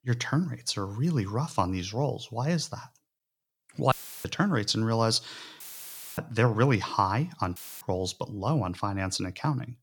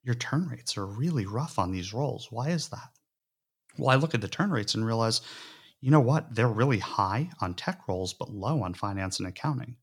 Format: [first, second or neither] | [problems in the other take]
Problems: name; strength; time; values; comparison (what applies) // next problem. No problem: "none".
second | audio cutting out; filled with static; at 4 s, at 5.5 s for 0.5 s and at 7.5 s